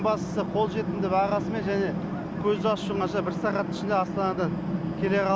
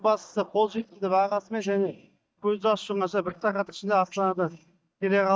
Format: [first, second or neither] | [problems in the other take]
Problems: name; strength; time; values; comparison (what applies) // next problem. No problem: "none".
first | noise reduction (neural mask model DeepFilterNet 3)